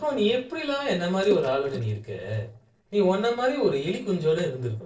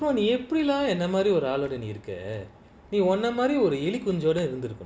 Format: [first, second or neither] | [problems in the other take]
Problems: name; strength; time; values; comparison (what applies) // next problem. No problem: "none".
second | noise reduction (neural separator model SepFormer DNS4)